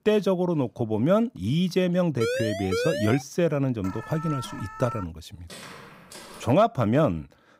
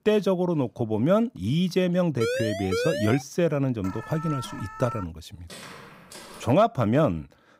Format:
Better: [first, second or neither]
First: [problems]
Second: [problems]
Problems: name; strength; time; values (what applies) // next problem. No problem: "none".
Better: neither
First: siren; noticeable; from 2 to 3 s; peak 3 dB below the speech // alarm; faint; from 4 to 5 s; peak 10 dB below the speech // footsteps; faint; at 5.5 s; peak 15 dB below the speech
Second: siren; noticeable; from 2 to 3 s; peak 3 dB below the speech // alarm; faint; from 4 to 5 s; peak 10 dB below the speech // footsteps; faint; at 5.5 s; peak 15 dB below the speech